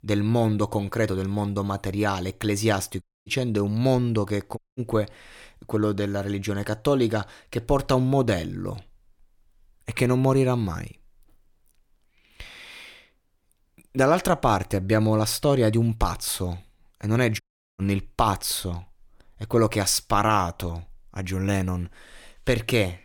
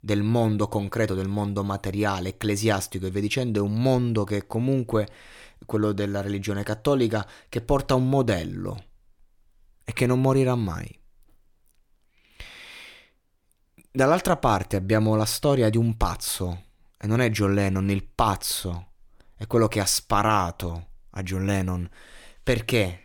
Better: second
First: audio cutting out; at 3 s, at 4.5 s and at 17 s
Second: none

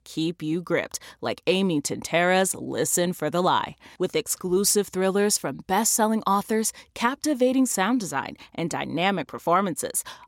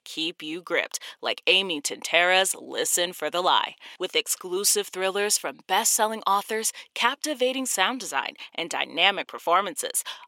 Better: first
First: none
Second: thin; somewhat; fading below 500 Hz

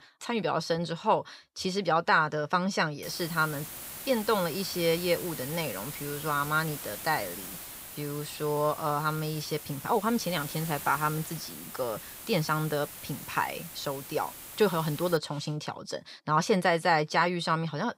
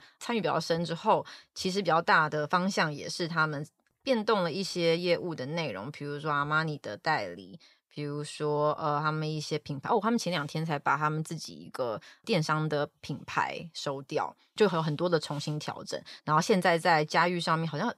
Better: second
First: hiss; noticeable; from 3 to 15 s; 10 dB below the speech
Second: none

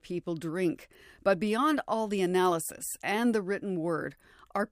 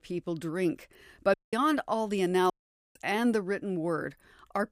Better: first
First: none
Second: audio cutting out; at 1.5 s and at 2.5 s

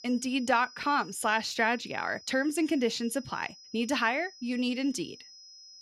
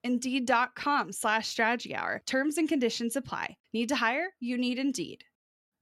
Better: second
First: high-pitched whine; noticeable; throughout; 5 kHz, 20 dB below the speech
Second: none

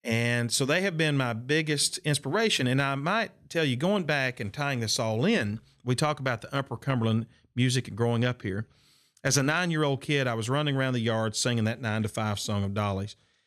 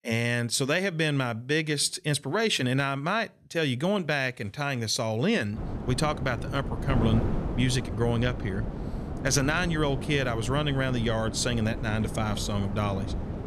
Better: first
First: none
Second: wind noise on the microphone; occasional gusts; from 5.5 s on; 10 dB below the speech

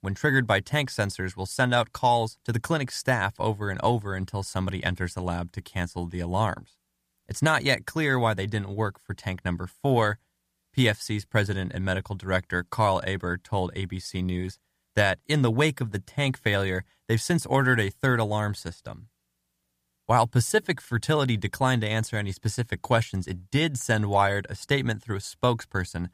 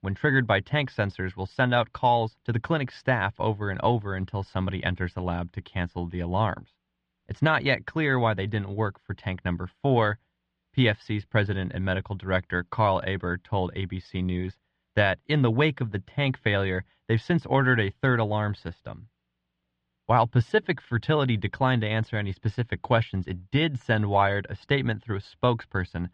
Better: first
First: none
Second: muffled; slightly; fading above 3.5 kHz

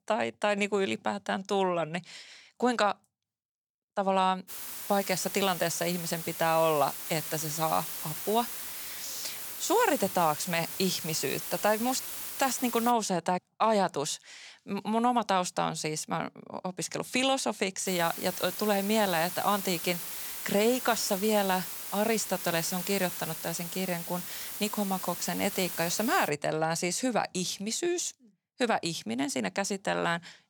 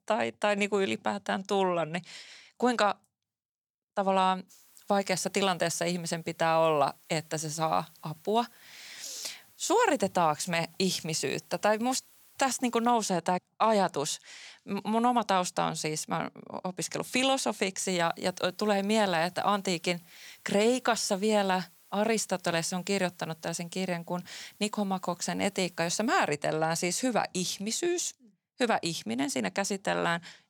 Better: second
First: hiss; loud; from 4.5 to 13 s and from 18 to 26 s; 6 dB below the speech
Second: hiss; faint; from 4.5 to 13 s and from 18 to 26 s; 25 dB below the speech

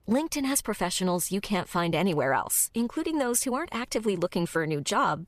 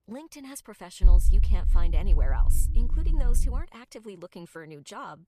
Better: first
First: none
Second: low rumble; loud; from 1 to 3.5 s; 7 dB below the speech

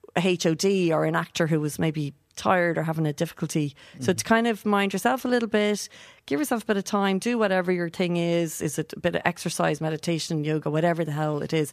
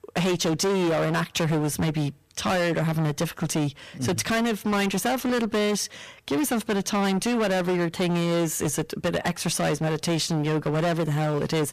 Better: first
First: none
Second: distortion; heavy; 26% of the sound clipped

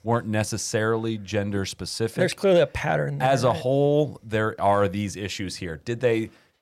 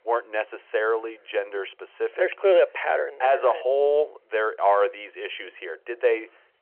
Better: first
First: none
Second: phone-call audio

